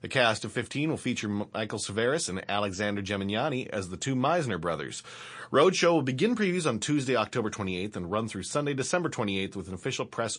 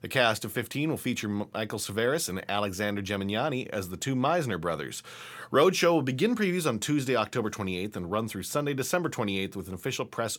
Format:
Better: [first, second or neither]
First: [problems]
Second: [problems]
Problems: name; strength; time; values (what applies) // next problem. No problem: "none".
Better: second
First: garbled, watery; slightly; nothing above 9.5 kHz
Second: none